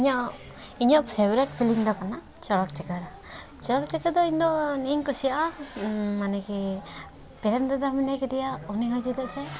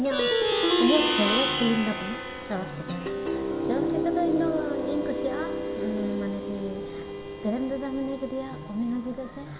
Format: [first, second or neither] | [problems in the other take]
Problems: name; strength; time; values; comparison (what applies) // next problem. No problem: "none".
first | background sound (Plucked string instrument); 2 dB above the speech // room echo; dies away in 1.4 s